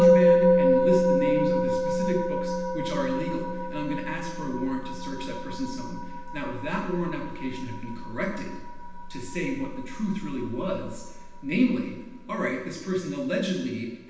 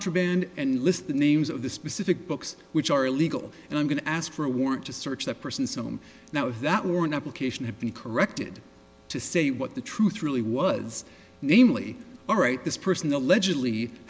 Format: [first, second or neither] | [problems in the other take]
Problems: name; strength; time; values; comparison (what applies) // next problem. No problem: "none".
second | background sound (Musical instrument); 3 dB above the speech // room echo; dies away in 0.9 s